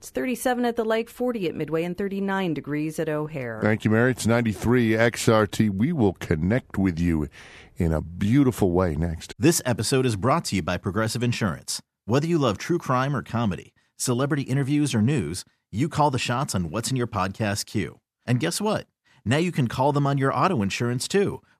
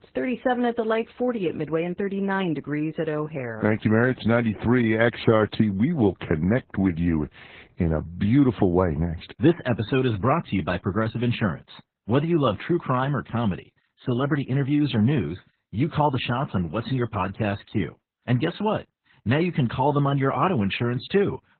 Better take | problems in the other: first | garbled, watery; badly; nothing above 4 kHz

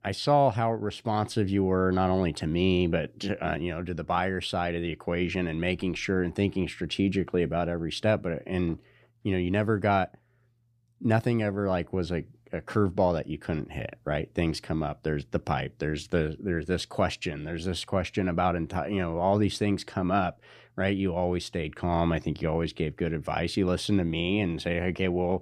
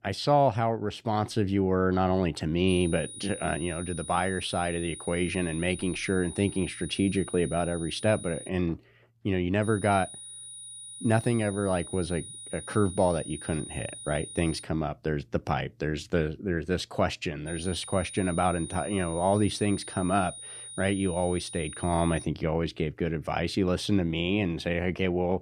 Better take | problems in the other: first | high-pitched whine; noticeable; from 2.5 to 8.5 s, from 9.5 to 15 s and from 17 to 22 s; 9.5 kHz, 10 dB below the speech

